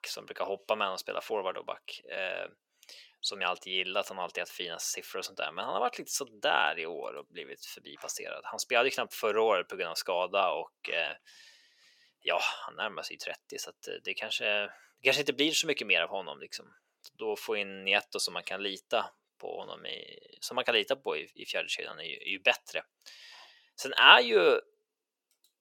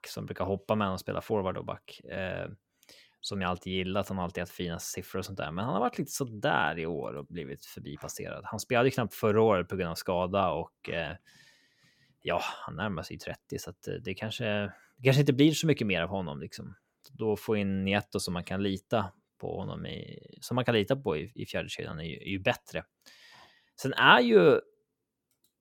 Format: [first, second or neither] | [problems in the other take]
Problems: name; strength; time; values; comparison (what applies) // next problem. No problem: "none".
second | thin; very; fading below 550 Hz